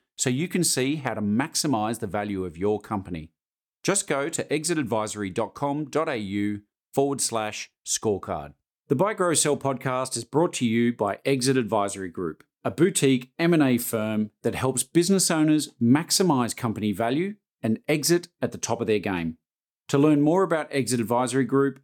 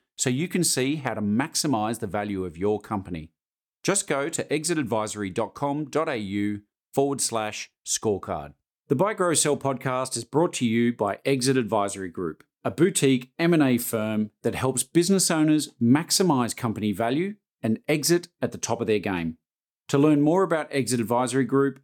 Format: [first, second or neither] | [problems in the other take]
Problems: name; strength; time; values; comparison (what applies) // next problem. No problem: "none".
neither | none